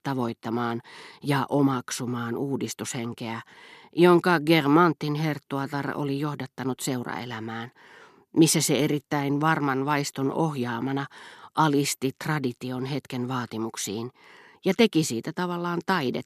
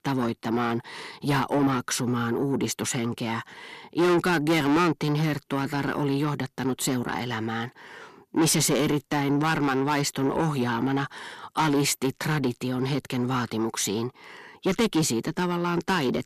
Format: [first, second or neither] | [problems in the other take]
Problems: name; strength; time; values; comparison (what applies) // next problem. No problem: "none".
first | distortion; heavy; 6 dB below the speech